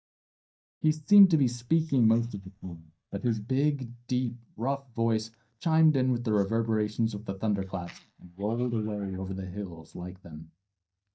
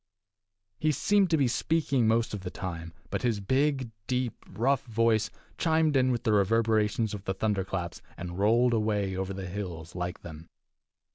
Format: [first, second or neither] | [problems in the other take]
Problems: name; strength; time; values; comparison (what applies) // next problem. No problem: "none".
second | noise reduction (neural mask model DeepFilterNet 3)